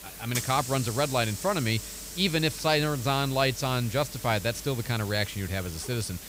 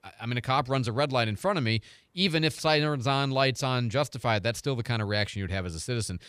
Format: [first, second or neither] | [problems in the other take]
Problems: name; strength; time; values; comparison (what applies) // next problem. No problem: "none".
second | hiss; loud; throughout; 10 dB below the speech